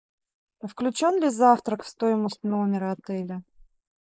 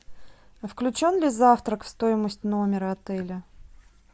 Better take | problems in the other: second | noise reduction (neural mask model Resemble Enhance denoiser)

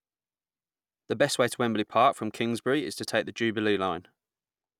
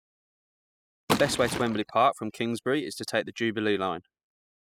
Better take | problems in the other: first | noise reduction (classical method spectral subtraction)

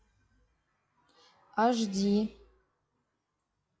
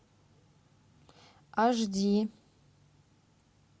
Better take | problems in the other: second | noise reduction (classical method log-MMSE)

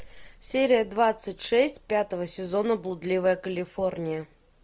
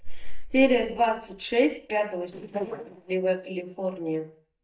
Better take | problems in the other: first | noise reduction (neural mask model DeepFilterNet 3)

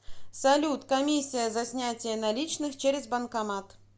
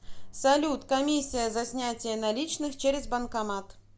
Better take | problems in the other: first | background sound (Boat, Water vehicle); 16 dB below the speech

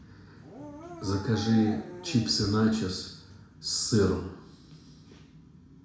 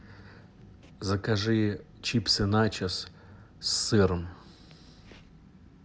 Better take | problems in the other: second | background sound (Dog); 14 dB below the speech // room echo; dies away in 0.6 s

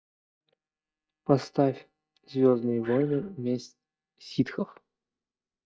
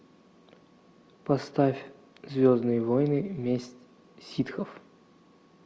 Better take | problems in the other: second | noise reduction (neural mask model DeepFilterNet 3)

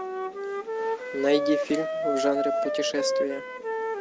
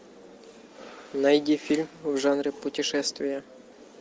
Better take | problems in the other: second | background sound (Wind instrument, woodwind instrument); 1 dB above the speech

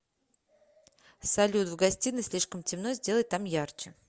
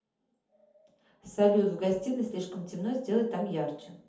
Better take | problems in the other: first | room echo; dies away in 0.6 s

